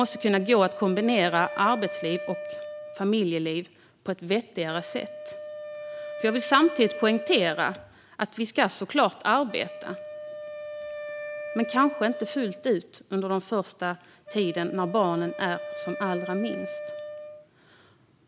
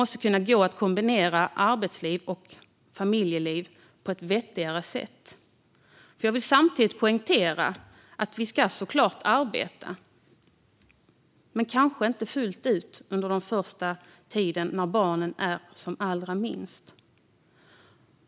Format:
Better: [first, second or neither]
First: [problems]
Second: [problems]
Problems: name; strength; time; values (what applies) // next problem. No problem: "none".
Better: second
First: background sound (Wind instrument, woodwind instrument); 11 dB below the speech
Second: none